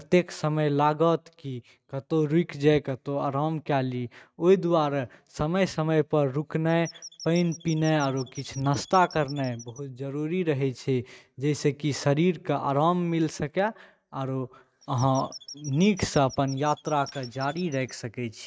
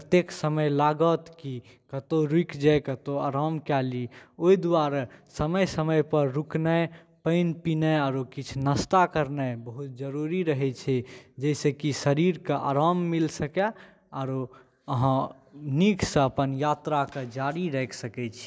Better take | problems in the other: second | noise reduction (neural mask model RNNoise)

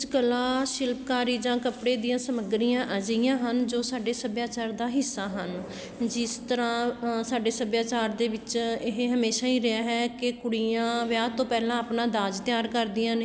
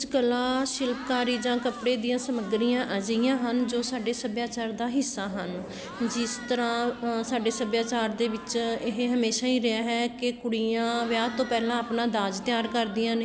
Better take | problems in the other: first | background sound (Crowd / Cheering); 18 dB below the speech

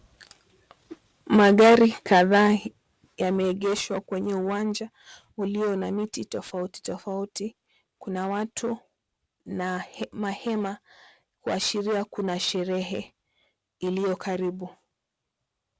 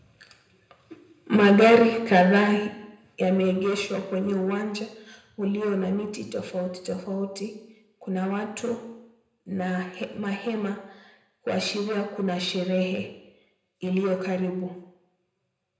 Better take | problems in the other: first | room echo; dies away in 0.8 s

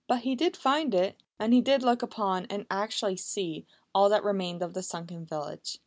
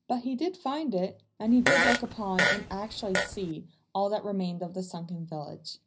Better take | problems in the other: first | background sound (Fart); 2 dB above the speech // room echo; dies away in 0.4 s

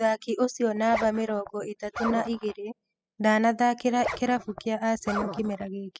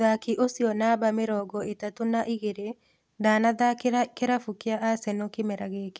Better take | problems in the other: second | noise reduction (classical method spectral subtraction)

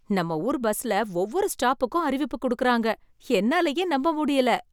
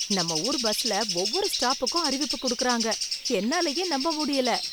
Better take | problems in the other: first | background sound (Bird); 2 dB below the speech

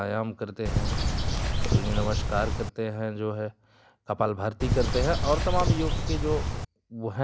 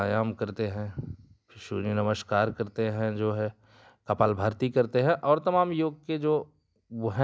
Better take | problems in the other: second | background sound (Bird); 4 dB above the speech

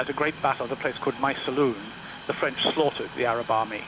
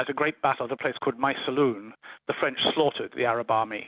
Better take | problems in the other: second | background sound (Train); 14 dB below the speech

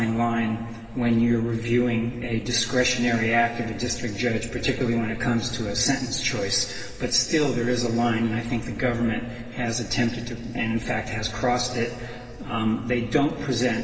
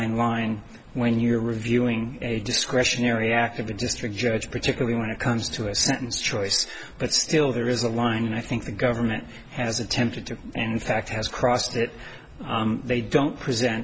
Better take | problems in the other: second | room echo; dies away in 2.9 s

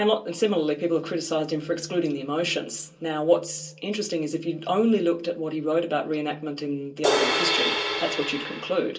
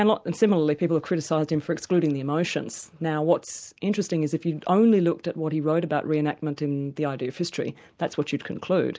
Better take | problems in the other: second | background sound (Crash cymbal); as loud as the speech // room echo; dies away in 0.2 s

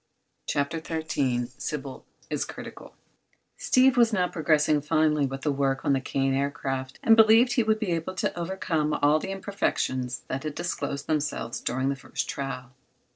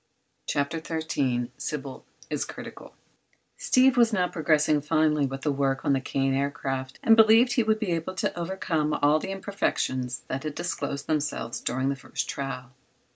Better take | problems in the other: second | noise reduction (neural separator model SepFormer DNS4)

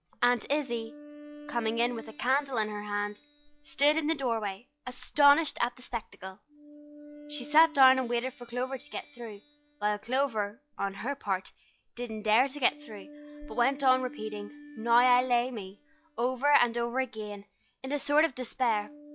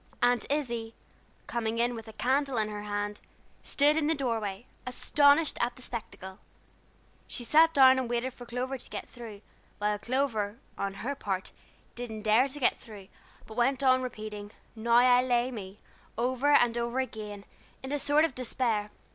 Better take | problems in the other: second | noise reduction (classical method log-MMSE)

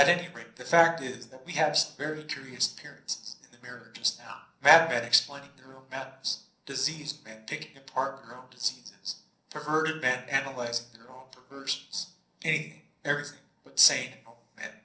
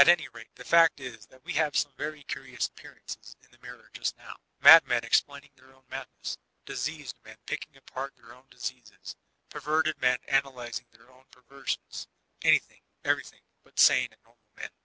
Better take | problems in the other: second | room echo; dies away in 0.6 s

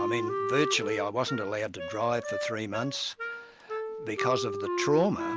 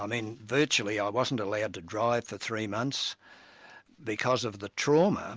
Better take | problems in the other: second | background sound (Wind instrument, woodwind instrument); 3 dB below the speech

